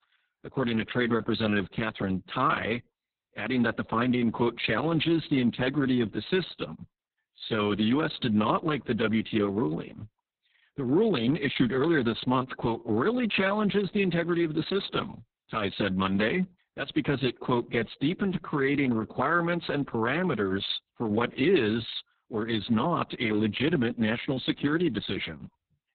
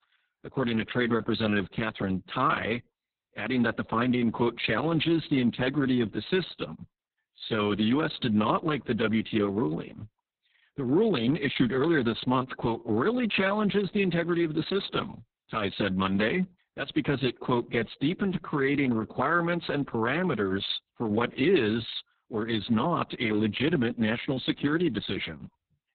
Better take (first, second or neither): neither